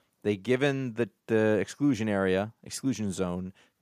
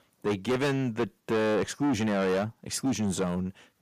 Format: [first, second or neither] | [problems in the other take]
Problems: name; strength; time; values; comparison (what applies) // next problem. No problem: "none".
first | distortion; heavy; 6 dB below the speech